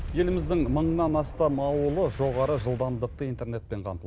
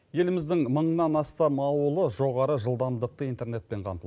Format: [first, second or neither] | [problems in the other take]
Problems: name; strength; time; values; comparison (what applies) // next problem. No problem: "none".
second | background sound (Boom); 10 dB below the speech